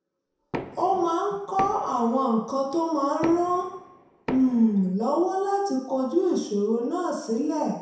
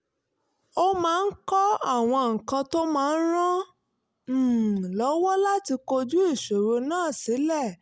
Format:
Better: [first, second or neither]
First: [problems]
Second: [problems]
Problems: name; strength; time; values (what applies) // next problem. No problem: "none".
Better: second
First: background sound (Knock); 13 dB below the speech // room echo; dies away in 0.7 s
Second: none